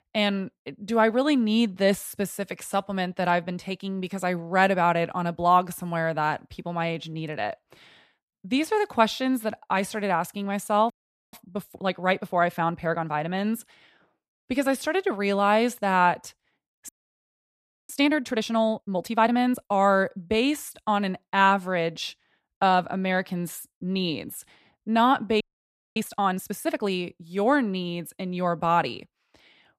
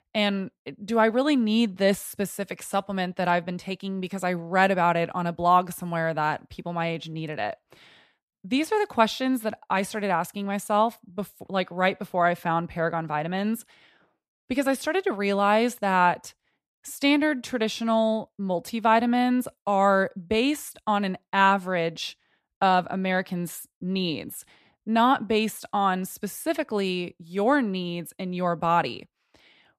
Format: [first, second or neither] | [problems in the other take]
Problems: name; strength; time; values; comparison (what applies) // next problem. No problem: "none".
second | audio freezing; at 11 s, at 17 s for 1 s and at 25 s for 0.5 s